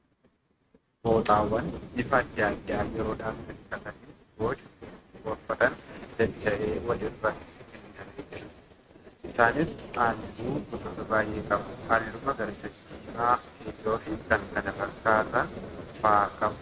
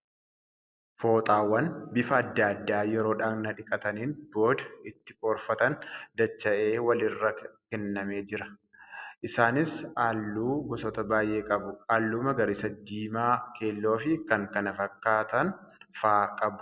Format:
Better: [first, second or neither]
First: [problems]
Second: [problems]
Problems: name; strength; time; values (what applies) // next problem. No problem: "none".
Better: second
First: noise reduction (neural mask model RNNoise)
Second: none